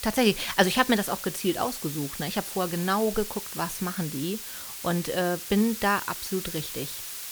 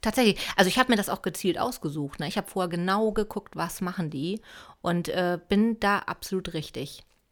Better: second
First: hiss; loud; throughout; 7 dB below the speech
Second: none

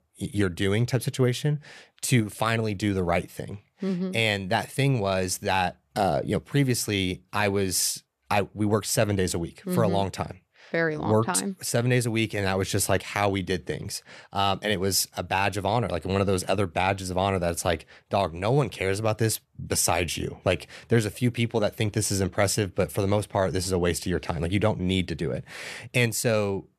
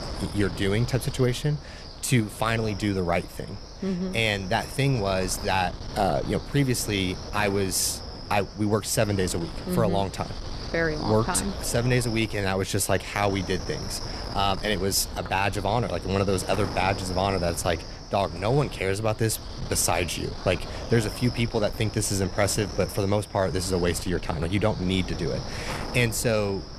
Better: first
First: none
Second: wind noise on the microphone; occasional gusts; 10 dB below the speech

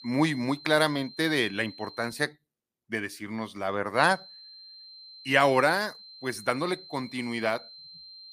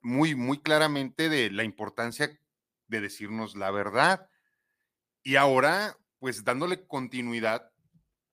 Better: second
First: high-pitched whine; noticeable; until 2 s and from 4 s on; 4 kHz, 20 dB below the speech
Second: none

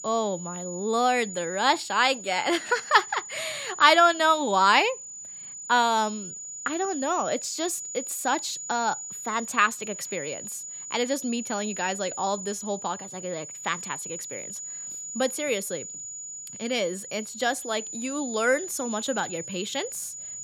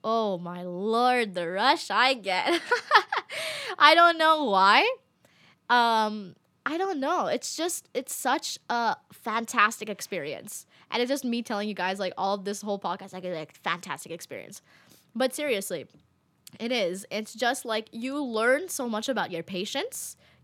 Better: second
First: high-pitched whine; loud; throughout; 7 kHz, 9 dB below the speech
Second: none

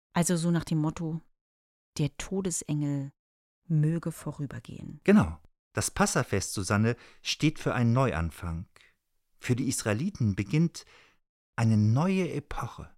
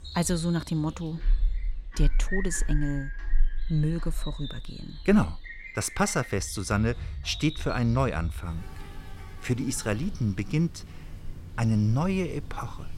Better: first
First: none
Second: animal sounds; loud; throughout; 9 dB below the speech

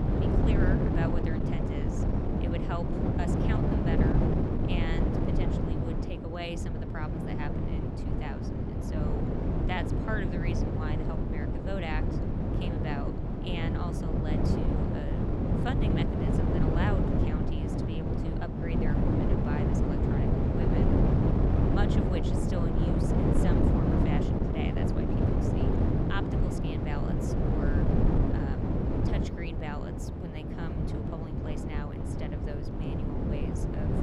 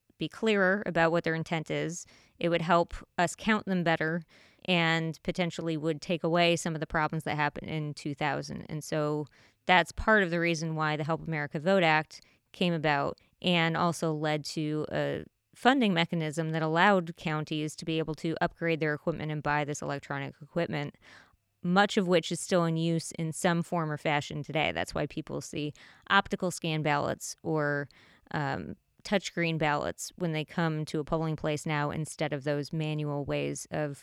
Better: second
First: wind noise on the microphone; heavy; 5 dB above the speech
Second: none

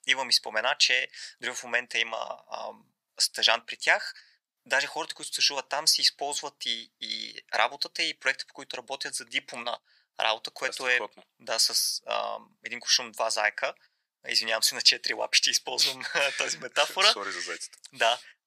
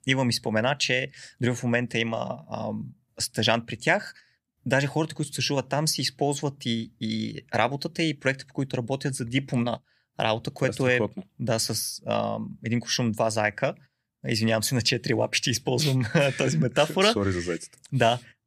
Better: second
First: thin; very; fading below 950 Hz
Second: none

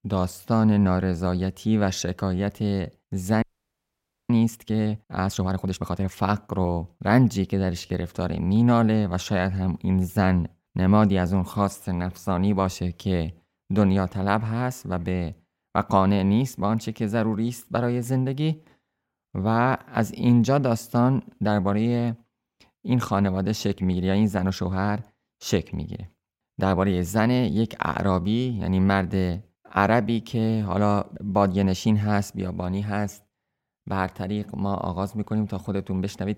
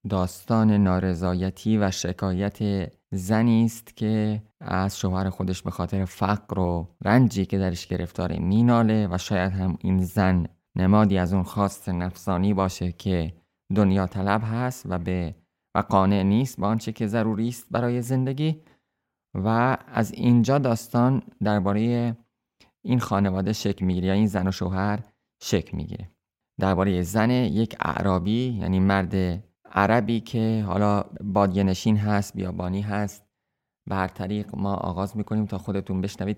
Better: second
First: audio freezing; at 3.5 s for 1 s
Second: none

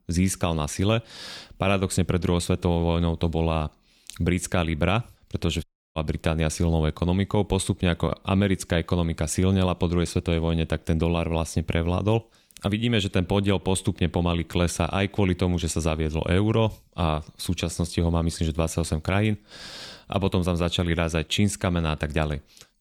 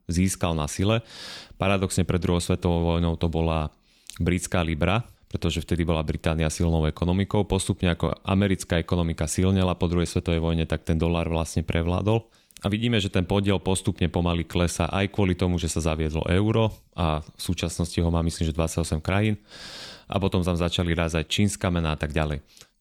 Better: second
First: audio cutting out; at 5.5 s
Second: none

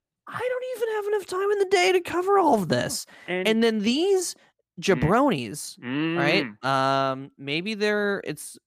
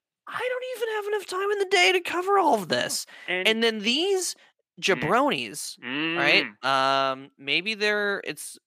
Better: first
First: none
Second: thin; very slightly; fading below 450 Hz

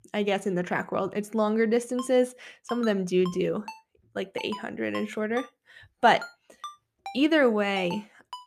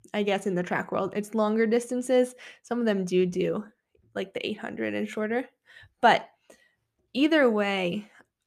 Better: second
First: phone ringing; faint; from 2 s on; peak 15 dB below the speech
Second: none

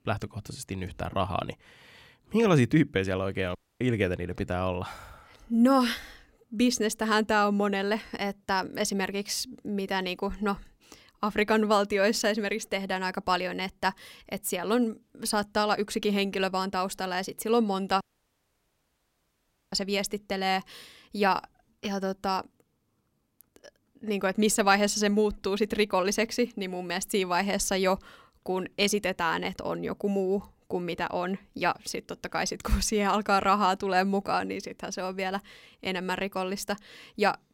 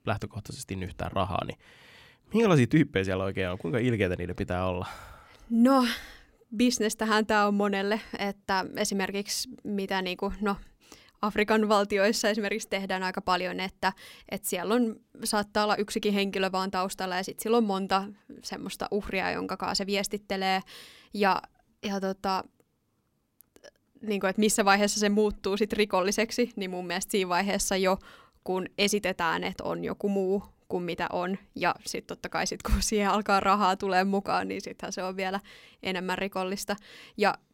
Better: second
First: audio cutting out; at 3.5 s and at 18 s for 1.5 s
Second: none

